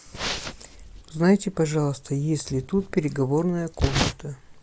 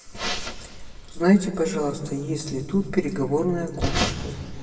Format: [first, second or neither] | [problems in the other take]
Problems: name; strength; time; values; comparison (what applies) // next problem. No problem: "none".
first | room echo; dies away in 1.8 s